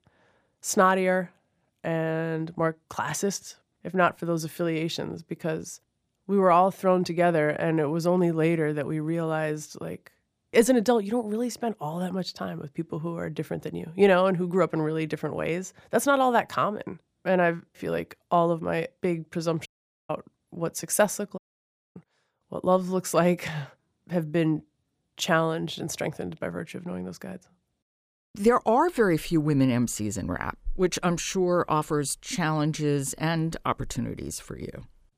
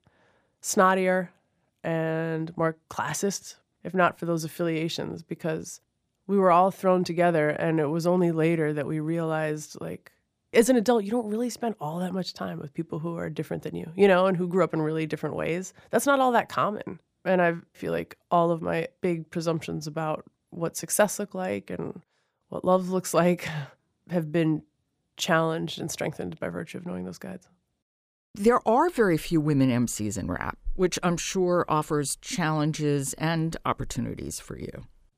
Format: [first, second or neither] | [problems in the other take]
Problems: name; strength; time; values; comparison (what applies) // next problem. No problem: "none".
second | audio cutting out; at 20 s and at 21 s for 0.5 s